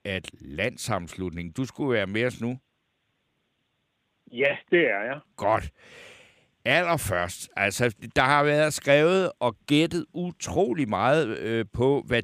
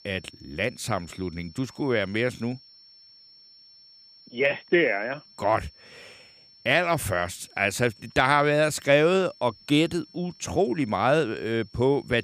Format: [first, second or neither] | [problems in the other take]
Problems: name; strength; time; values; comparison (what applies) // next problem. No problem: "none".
first | high-pitched whine; faint; throughout; 5.5 kHz, 25 dB below the speech